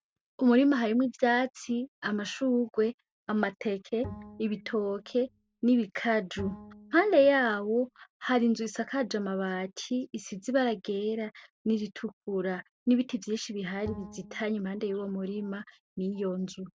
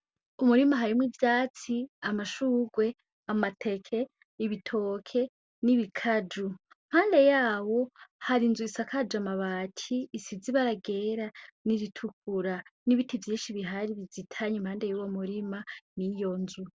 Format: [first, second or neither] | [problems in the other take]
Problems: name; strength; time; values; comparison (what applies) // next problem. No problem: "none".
second | noise reduction (neural mask model RNNoise)